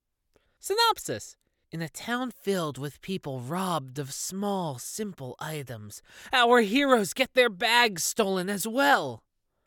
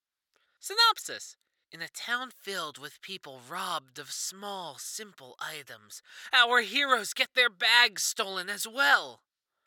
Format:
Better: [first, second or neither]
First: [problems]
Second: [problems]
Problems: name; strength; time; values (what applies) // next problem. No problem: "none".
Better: first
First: none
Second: thin; very; fading below 950 Hz